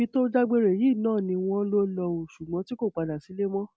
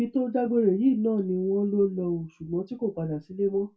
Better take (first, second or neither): first